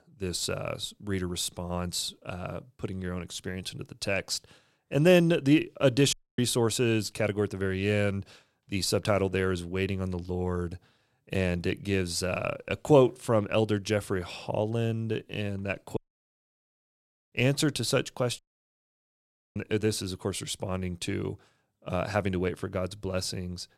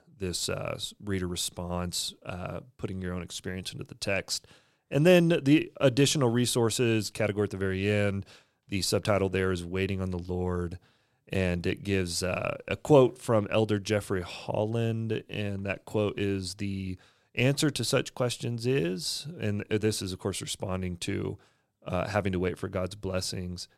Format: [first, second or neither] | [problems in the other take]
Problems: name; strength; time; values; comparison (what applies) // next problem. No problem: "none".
second | audio cutting out; at 6 s, at 16 s for 1.5 s and at 18 s for 1 s